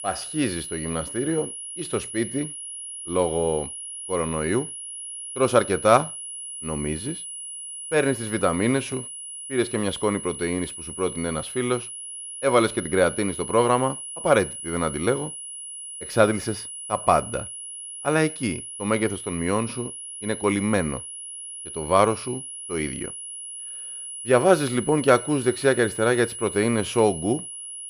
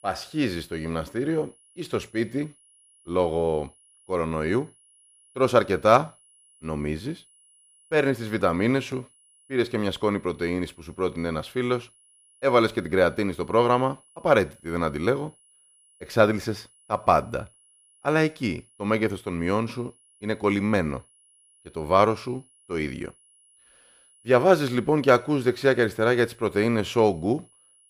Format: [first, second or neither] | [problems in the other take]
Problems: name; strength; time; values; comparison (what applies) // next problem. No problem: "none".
second | high-pitched whine; loud; throughout; 10.5 kHz, 9 dB below the speech; faint in the second